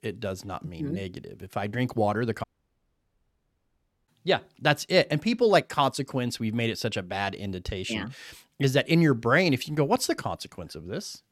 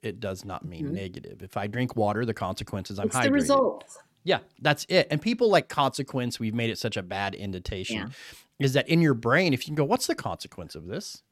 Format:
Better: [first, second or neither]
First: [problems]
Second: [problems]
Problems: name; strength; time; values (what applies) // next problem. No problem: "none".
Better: second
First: audio cutting out; at 2.5 s for 1.5 s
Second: none